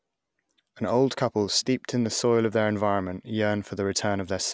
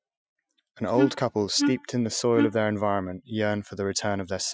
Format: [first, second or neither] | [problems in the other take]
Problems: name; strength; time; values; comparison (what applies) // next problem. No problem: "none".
first | noise reduction (classical method Wiener filter)